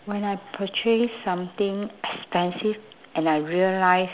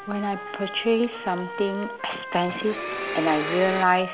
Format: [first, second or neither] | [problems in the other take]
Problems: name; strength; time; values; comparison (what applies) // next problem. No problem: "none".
first | background sound (Trumpet + Domestic sounds, home sounds); 8 dB below the speech